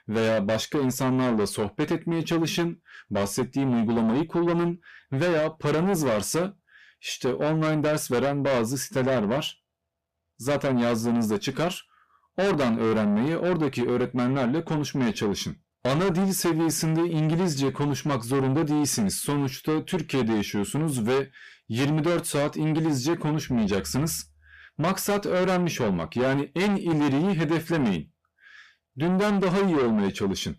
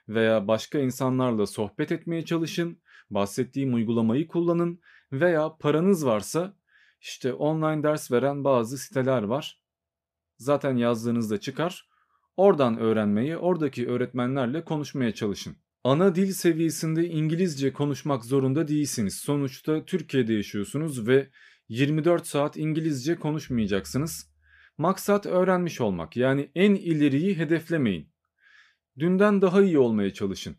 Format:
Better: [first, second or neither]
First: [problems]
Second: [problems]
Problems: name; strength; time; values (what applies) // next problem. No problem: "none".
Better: second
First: distortion; heavy; 6 dB below the speech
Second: none